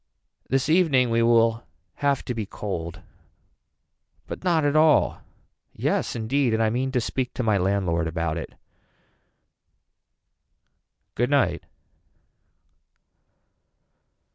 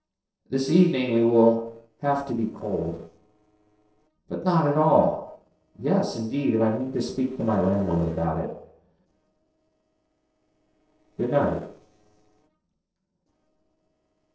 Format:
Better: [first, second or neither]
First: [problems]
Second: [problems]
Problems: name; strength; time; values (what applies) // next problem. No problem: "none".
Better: first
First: none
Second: noise reduction (neural separator model SepFormer DNS4)